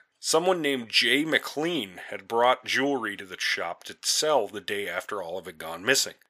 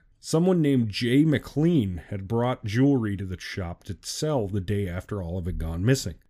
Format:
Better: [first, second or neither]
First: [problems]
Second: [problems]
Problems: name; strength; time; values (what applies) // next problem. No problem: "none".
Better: second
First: thin; very; fading below 750 Hz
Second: none